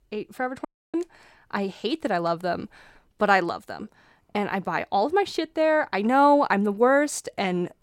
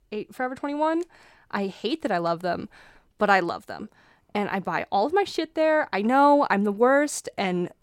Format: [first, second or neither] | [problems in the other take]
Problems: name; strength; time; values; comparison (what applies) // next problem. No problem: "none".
second | audio cutting out; at 0.5 s